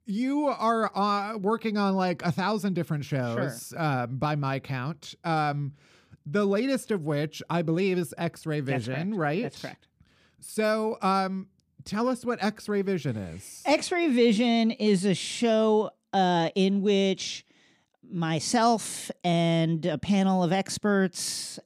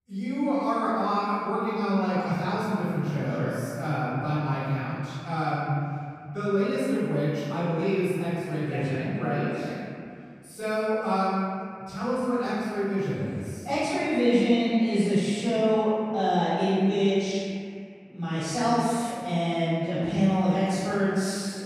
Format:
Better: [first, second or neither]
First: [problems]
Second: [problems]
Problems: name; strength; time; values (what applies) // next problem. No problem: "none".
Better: first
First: none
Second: off-mic speech; far // room echo; strong; dies away in 2.1 s